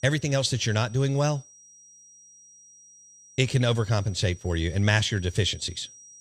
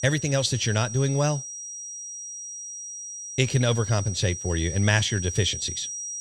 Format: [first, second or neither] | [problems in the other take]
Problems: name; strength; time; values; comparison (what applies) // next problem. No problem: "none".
first | high-pitched whine; loud; throughout; 5.5 kHz, 8 dB below the speech; faint in the first